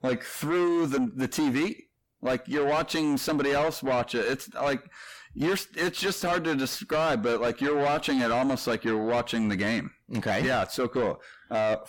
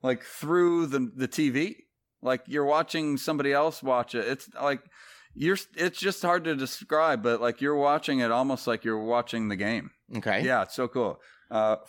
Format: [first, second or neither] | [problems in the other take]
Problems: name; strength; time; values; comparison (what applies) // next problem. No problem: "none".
second | distortion; heavy; 7 dB below the speech